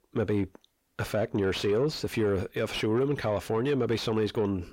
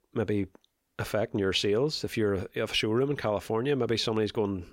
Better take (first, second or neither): second